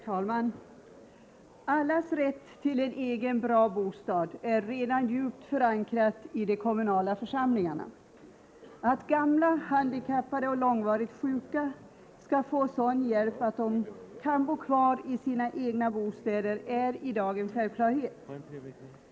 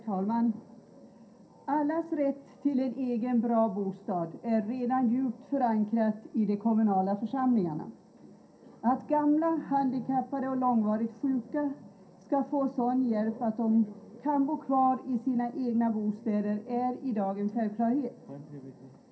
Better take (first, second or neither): first